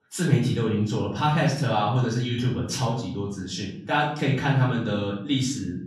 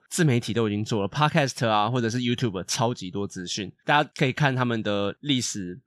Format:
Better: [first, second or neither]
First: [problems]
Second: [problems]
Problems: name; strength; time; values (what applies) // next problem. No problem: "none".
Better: second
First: room echo; noticeable; dies away in 0.7 s // off-mic speech; far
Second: none